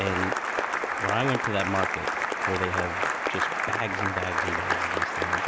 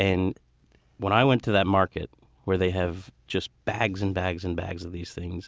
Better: second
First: background sound (Applause); 4 dB above the speech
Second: none

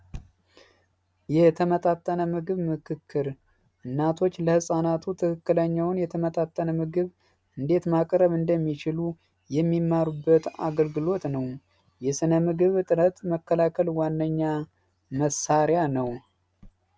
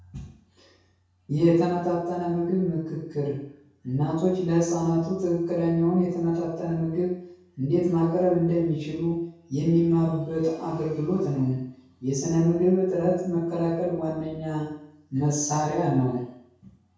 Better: first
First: none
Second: room echo; dies away in 0.6 s

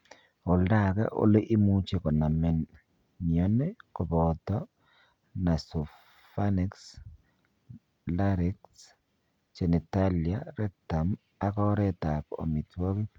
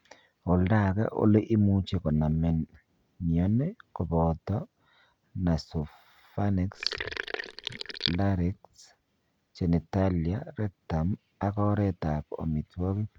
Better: first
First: none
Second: background sound (Sink (filling or washing)); 7 dB below the speech

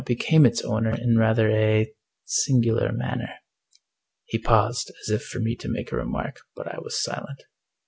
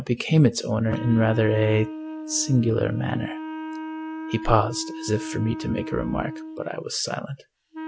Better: first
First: none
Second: background sound (Wind instrument, woodwind instrument); 10 dB below the speech

